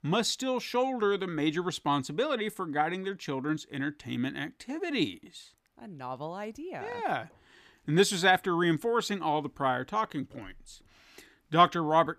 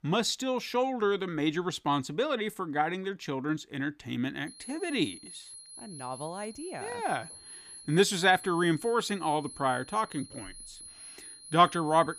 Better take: first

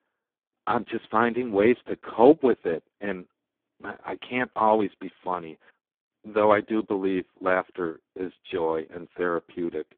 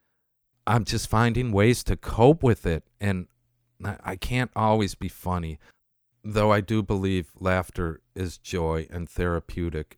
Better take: second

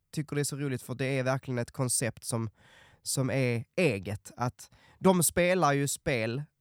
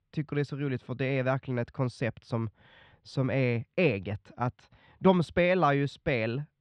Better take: first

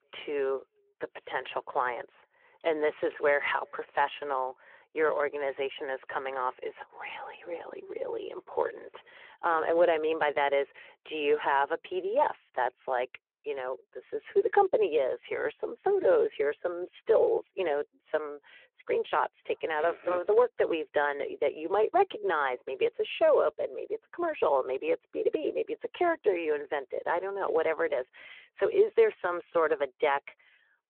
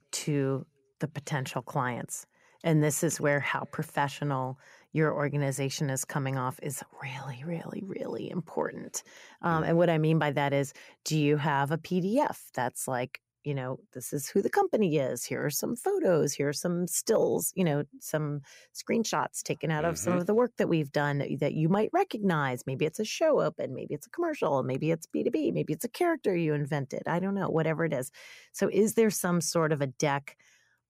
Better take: second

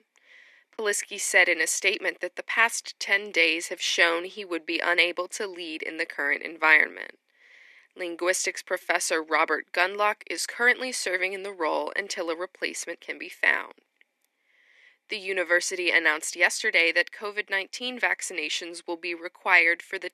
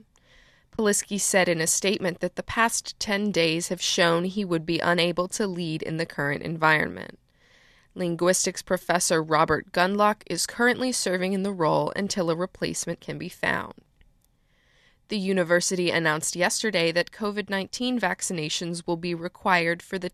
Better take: second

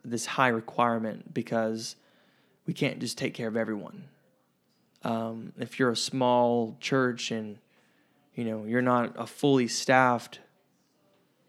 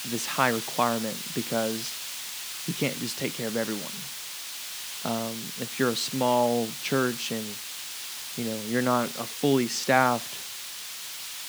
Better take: first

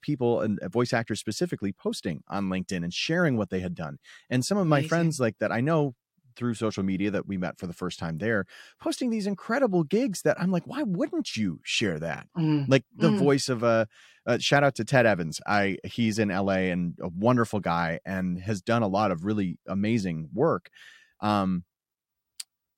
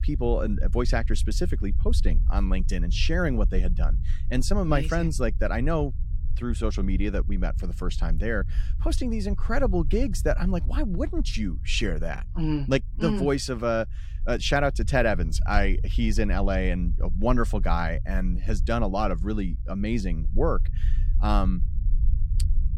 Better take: first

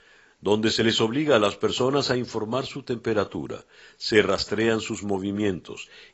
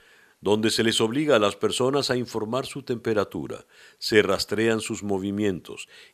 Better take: second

